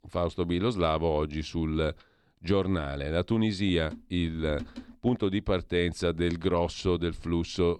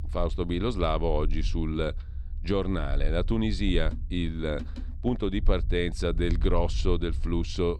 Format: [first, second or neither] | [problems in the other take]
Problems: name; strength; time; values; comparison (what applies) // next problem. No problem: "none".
first | low rumble; faint; throughout; 20 dB below the speech